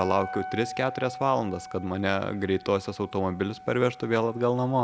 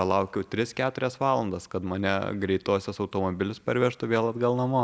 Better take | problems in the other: second | background sound (Wind instrument, woodwind instrument); 14 dB below the speech

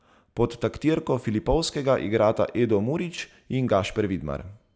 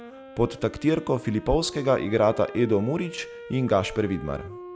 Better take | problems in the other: first | background sound (Wind instrument, woodwind instrument); 16 dB below the speech

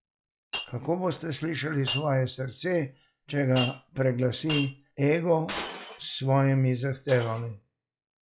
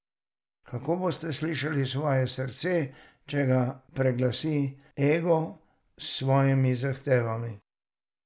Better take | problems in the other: second | noise reduction (classical method log-MMSE)

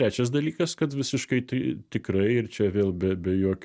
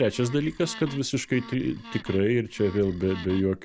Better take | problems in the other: first | background sound (Wood); 18 dB below the speech

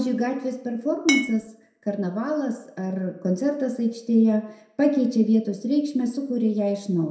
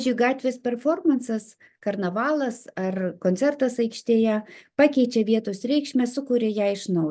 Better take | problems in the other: second | background sound (Glass); 3 dB below the speech // room echo; dies away in 0.6 s

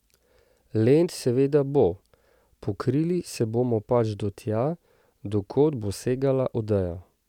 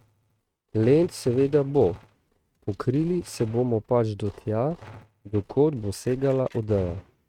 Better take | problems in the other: first | noise reduction (neural mask model RNNoise)

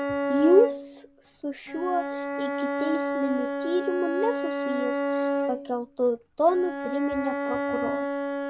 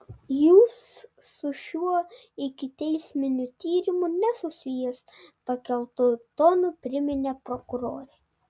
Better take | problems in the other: second | background sound (Bowed string instrument); 2 dB below the speech

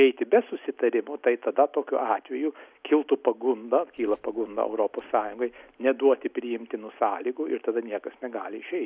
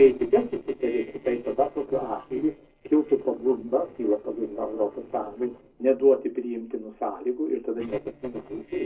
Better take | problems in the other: first | noise reduction (neural separator model SepFormer DNS4)

